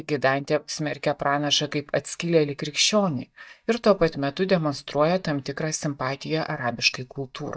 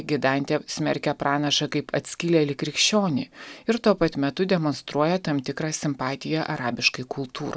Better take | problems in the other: second | noise reduction (neural mask model DeepFilterNet 3)

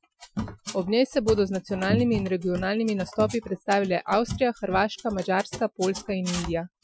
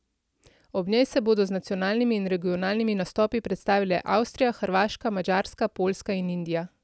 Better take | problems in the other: second | noise reduction (classical method Wiener filter)

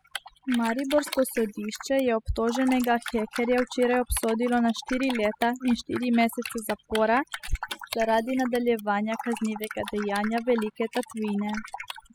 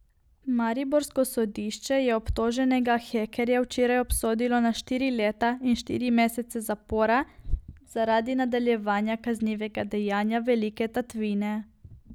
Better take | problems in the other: second | noise reduction (classical method spectral subtraction)

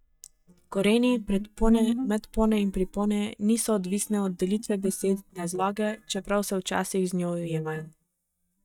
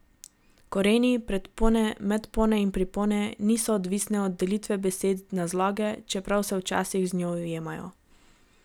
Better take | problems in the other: second | noise reduction (neural mask model DeepFilterNet 3)

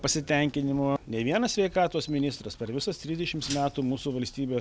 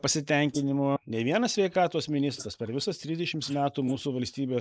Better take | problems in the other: first | noise reduction (neural mask model Resemble Enhance denoiser)

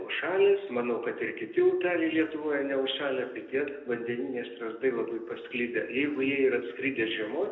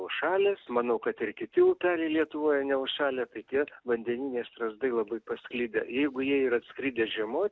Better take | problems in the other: second | room echo; dies away in 0.8 s

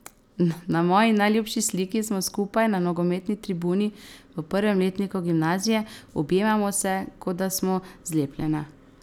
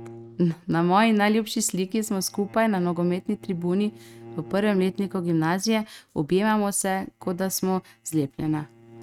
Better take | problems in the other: first | noise reduction (neural mask model RNNoise)

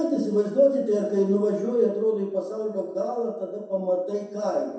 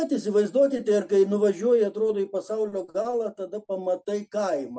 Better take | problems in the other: second | room echo; dies away in 0.7 s

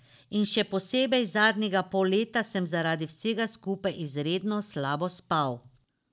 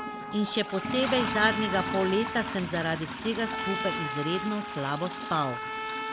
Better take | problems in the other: first | background sound (Toilet flush + Trumpet); 4 dB below the speech

